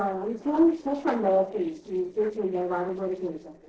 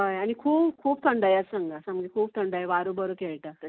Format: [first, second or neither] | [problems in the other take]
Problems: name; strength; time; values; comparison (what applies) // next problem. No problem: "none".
second | noise reduction (neural separator model SepFormer DNS4)